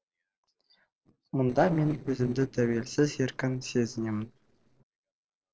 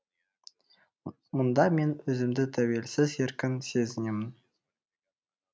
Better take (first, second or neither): second